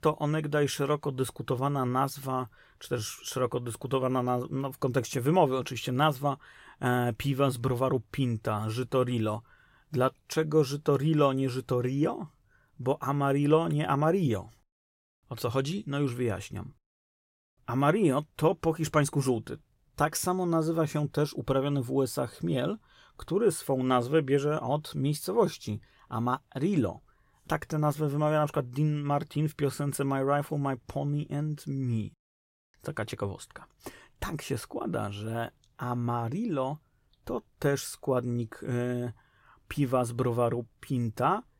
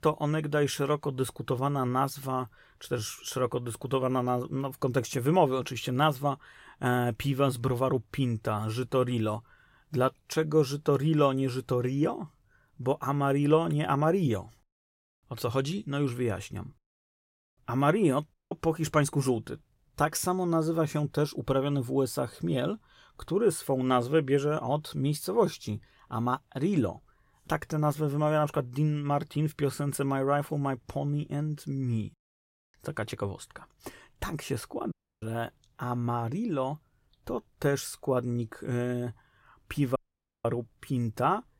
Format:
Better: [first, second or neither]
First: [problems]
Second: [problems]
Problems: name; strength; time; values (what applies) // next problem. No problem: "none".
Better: first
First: none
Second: audio cutting out; at 18 s, at 35 s and at 40 s